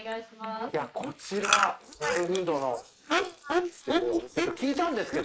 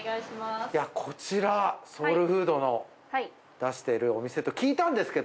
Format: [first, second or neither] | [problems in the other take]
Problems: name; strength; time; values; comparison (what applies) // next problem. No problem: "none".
second | noise reduction (neural mask model Resemble Enhance denoiser)